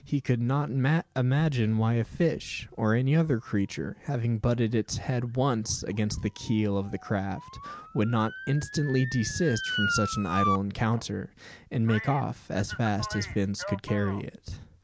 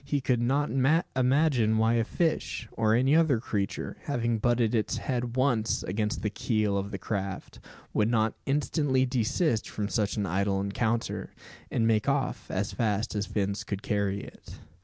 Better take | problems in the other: second | background sound (Motor vehicle (road) / Siren); 12 dB below the speech

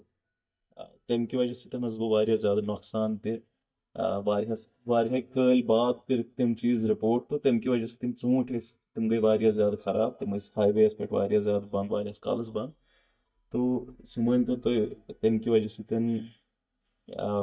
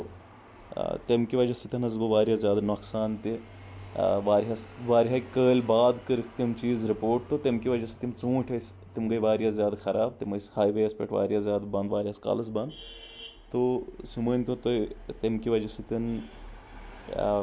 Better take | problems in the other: second | noise reduction (neural mask model DeepFilterNet 3)

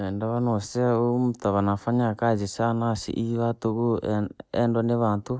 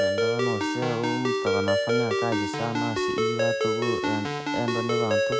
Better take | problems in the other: first | background sound (Ringtone); 4 dB above the speech

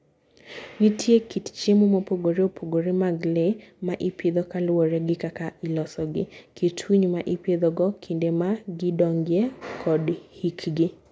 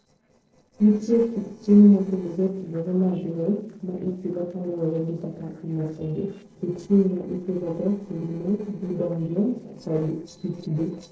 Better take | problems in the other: first | noise reduction (neural separator model SepFormer DNS4)

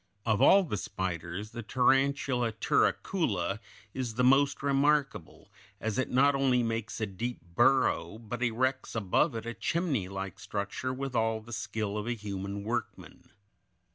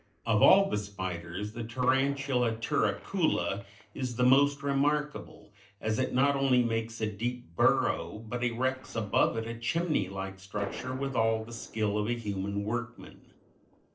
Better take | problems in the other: first | noise reduction (neural separator model SepFormer DNS4)

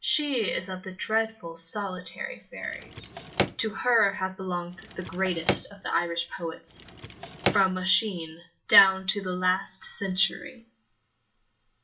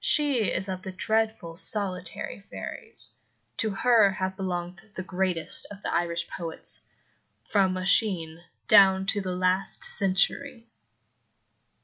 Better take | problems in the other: second | background sound (Drawer open or close); 4 dB below the speech // room echo; dies away in 0.2 s

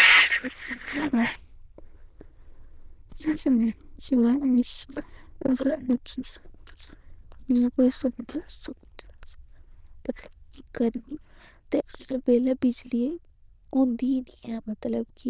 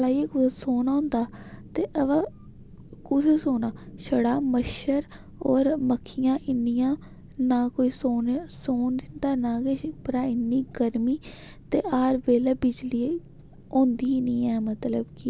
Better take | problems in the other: second | noise reduction (neural diffusion model UNIVERSE++)

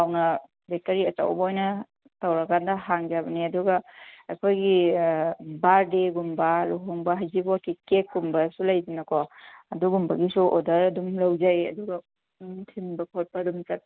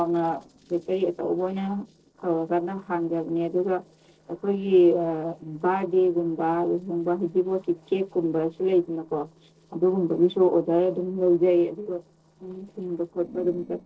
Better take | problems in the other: first | noise reduction (neural separator model SepFormer DNS4)

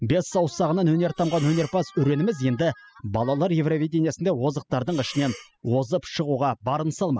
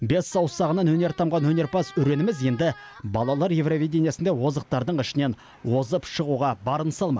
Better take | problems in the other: second | noise reduction (classical method spectral subtraction)

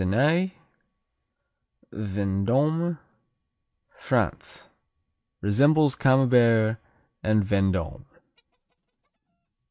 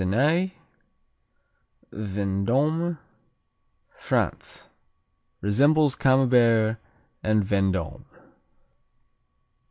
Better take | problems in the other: second | noise reduction (neural mask model RNNoise)

